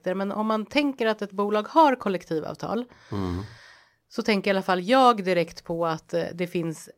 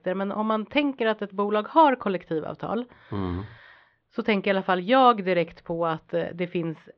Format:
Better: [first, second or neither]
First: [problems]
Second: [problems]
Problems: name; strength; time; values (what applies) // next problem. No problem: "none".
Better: first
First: none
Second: muffled; slightly; fading above 3.5 kHz